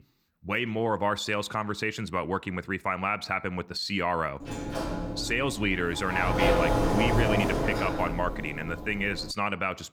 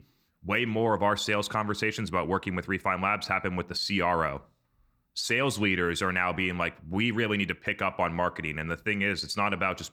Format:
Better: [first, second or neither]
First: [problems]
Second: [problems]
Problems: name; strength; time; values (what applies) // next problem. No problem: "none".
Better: second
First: door banging; loud; from 4.5 to 9.5 s; peak 6 dB above the speech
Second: none